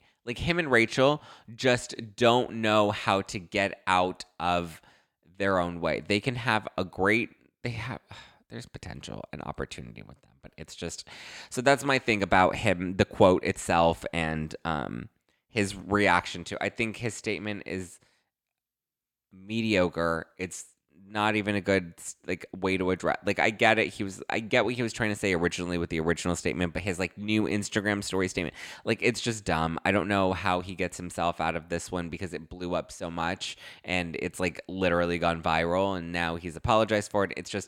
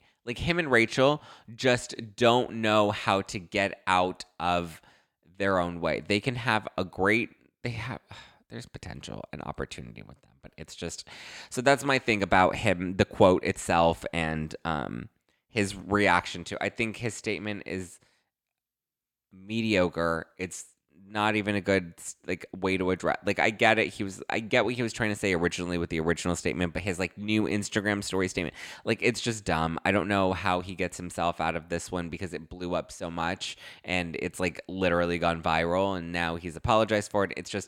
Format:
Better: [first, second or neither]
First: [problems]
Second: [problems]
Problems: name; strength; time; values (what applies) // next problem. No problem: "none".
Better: neither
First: none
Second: none